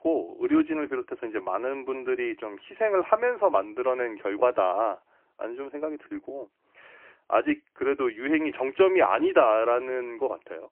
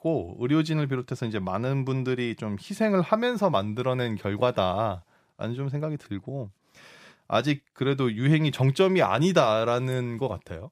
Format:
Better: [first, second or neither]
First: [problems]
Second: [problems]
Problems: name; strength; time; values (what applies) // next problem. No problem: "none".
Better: second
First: phone-call audio; poor line; nothing above 3 kHz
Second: none